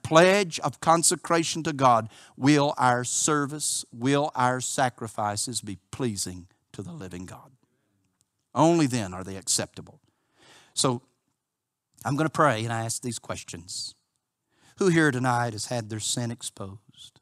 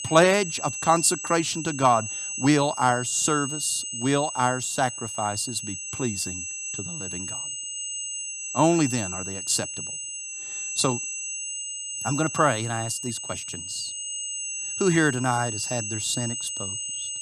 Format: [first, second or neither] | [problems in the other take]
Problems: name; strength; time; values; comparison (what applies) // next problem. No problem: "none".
first | high-pitched whine; loud; throughout; 8 kHz, 5 dB below the speech